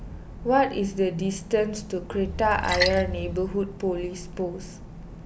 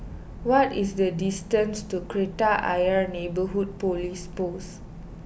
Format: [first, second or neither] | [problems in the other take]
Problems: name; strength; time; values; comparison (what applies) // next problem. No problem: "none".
second | background sound (Splash, splatter); 5 dB below the speech